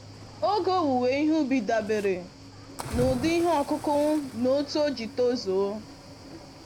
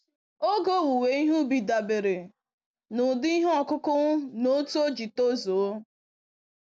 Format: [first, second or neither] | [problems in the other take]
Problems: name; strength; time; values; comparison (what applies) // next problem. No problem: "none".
second | background sound (Cricket / Waves, surf); 14 dB below the speech